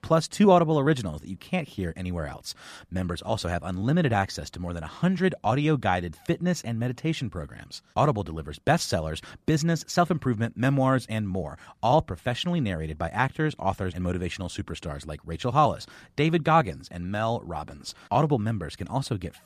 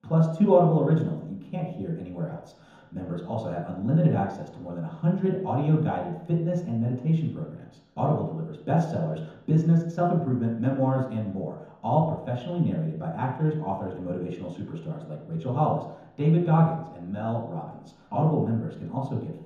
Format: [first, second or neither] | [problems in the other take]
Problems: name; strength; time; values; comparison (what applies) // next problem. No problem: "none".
first | room echo; noticeable; dies away in 3 s // off-mic speech; far